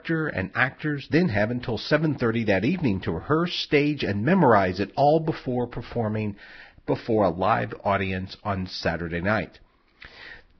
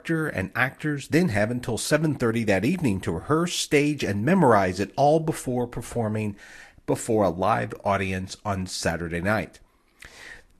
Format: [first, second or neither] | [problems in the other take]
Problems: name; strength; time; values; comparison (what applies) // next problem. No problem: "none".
second | garbled, watery; badly; nothing above 5.5 kHz; slightly in the second